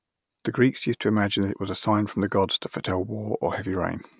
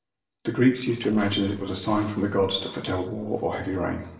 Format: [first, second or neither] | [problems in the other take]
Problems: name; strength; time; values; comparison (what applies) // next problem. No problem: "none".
first | noise reduction (neural separator model SepFormer DNS4)